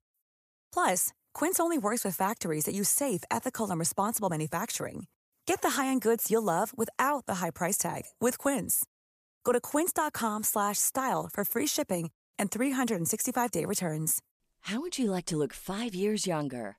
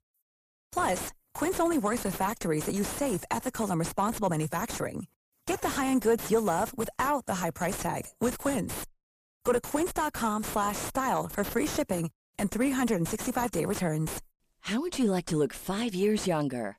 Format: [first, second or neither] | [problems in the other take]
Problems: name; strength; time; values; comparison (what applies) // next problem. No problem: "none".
first | distortion; heavy; 5 dB below the speech